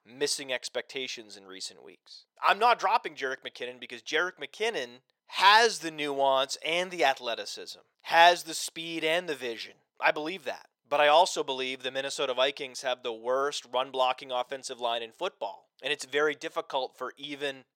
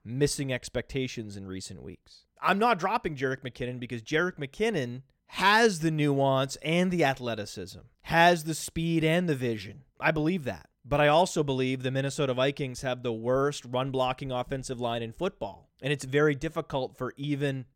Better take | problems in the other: second | thin; very; fading below 550 Hz

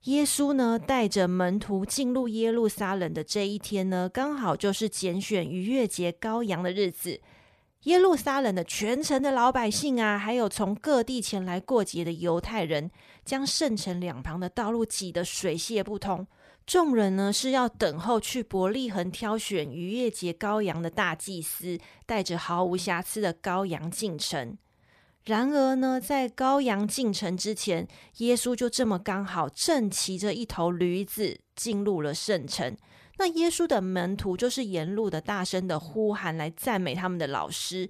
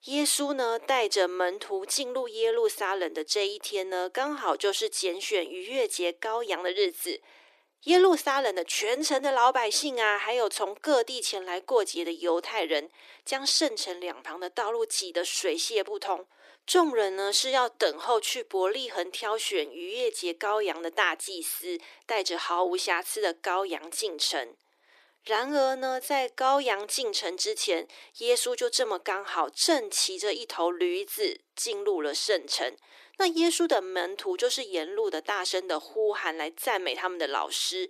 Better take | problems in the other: first | thin; very; fading below 300 Hz

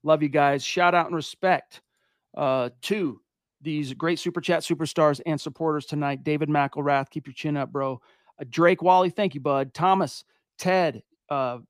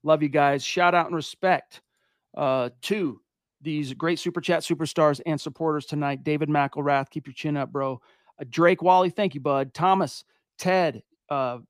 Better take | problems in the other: neither | none

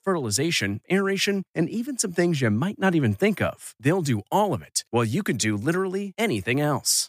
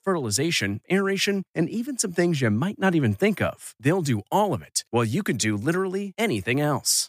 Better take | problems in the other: neither | none

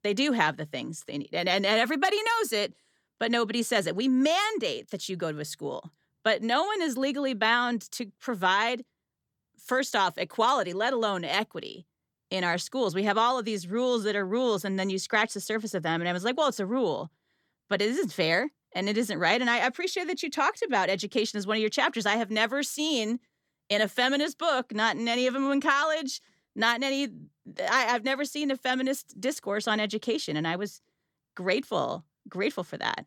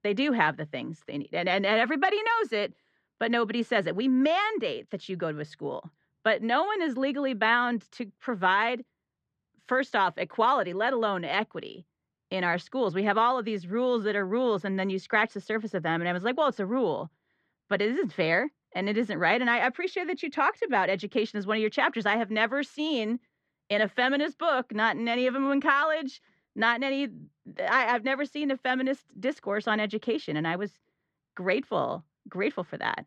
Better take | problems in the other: first | muffled; slightly; fading above 2 kHz

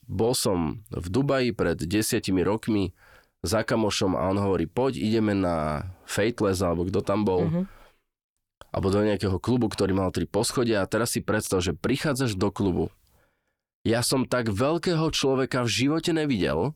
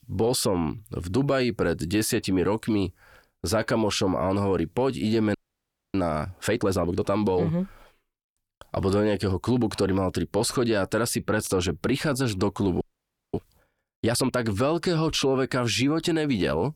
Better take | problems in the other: first | audio freezing; at 5.5 s for 0.5 s and at 13 s for 0.5 s

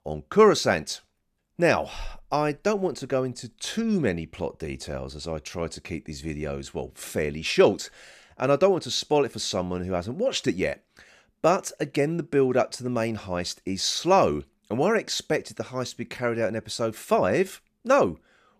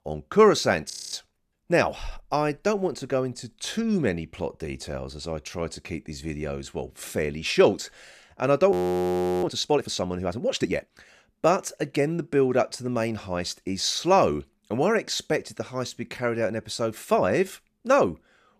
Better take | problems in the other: first | audio freezing; at 1 s and at 8.5 s for 0.5 s

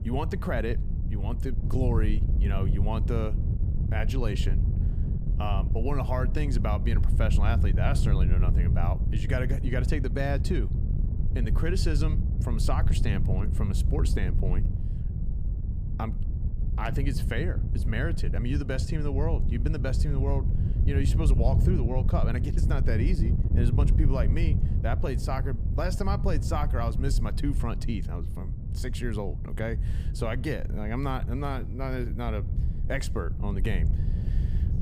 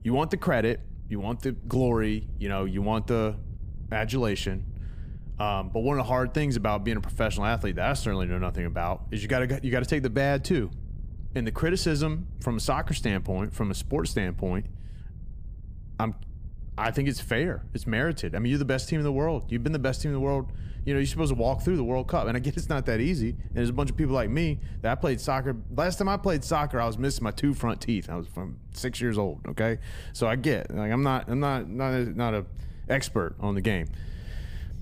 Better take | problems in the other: second | wind noise on the microphone; heavy; 8 dB below the speech; occasional gusts in the second

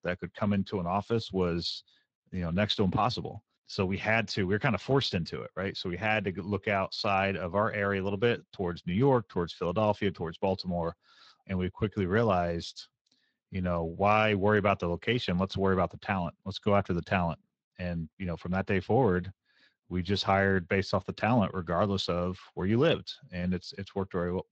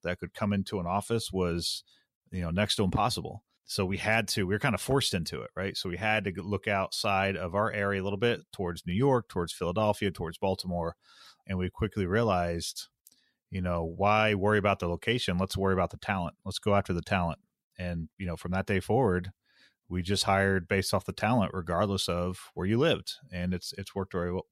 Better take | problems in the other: second | garbled, watery; slightly

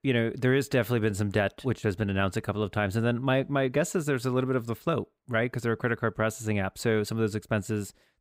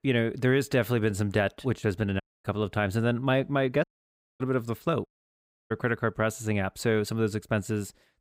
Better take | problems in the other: first | audio cutting out; at 2 s, at 4 s for 0.5 s and at 5 s for 0.5 s

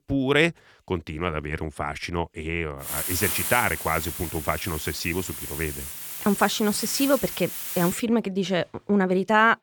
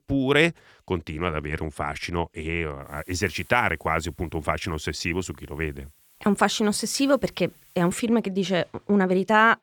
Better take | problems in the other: second | hiss; loud; from 3 to 8 s; 5 dB below the speech; faint in the second

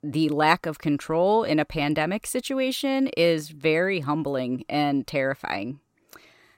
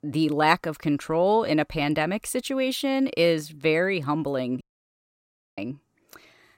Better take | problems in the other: first | audio cutting out; at 4.5 s for 1 s

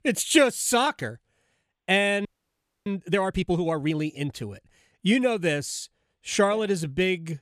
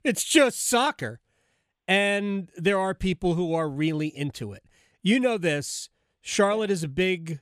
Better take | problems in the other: second | audio freezing; at 2.5 s for 0.5 s

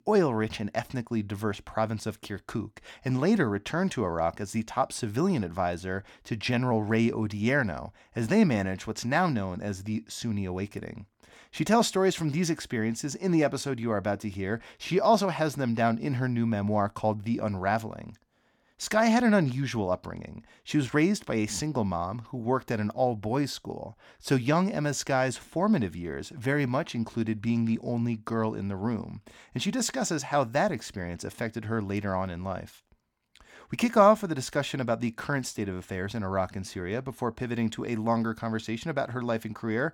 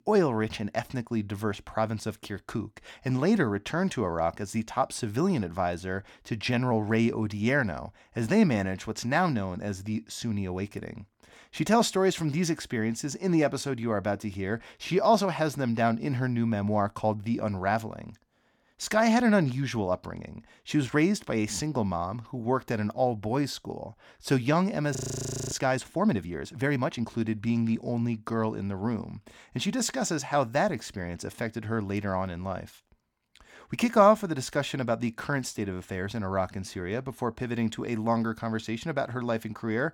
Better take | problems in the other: first | audio freezing; at 25 s for 0.5 s

